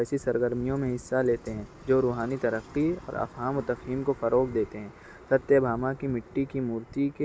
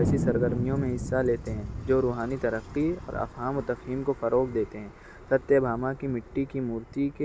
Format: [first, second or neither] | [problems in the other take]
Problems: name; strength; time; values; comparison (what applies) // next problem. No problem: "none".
first | background sound (Thunder); 7 dB below the speech